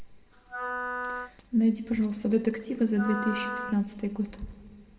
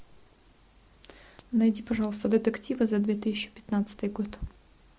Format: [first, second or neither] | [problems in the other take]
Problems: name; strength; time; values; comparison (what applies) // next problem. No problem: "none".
second | background sound (Wind instrument, woodwind instrument); 8 dB below the speech // room echo; dies away in 1.5 s